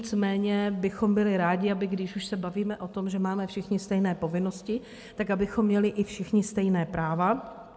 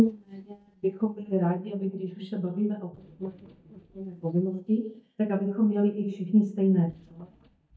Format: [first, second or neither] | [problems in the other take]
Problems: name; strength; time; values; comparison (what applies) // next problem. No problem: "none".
first | noise reduction (neural mask model DeepFilterNet 3)